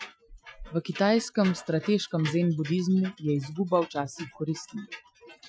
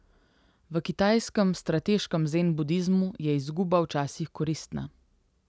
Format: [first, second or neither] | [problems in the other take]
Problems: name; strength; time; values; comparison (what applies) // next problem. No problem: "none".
second | noise reduction (classical method Wiener filter)